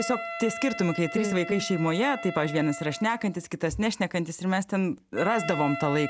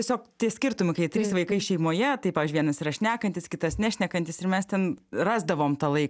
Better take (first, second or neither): second